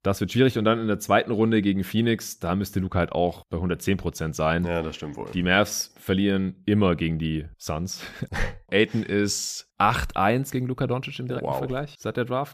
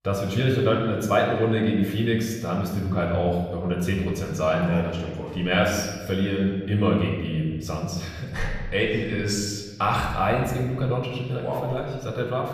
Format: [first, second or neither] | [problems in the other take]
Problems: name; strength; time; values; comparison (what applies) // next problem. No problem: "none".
first | room echo; noticeable; dies away in 1.4 s // off-mic speech; somewhat distant